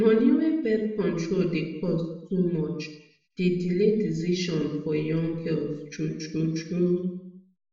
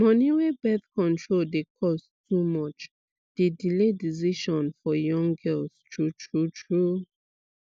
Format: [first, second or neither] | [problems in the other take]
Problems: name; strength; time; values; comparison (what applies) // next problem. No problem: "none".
second | room echo; dies away in 0.7 s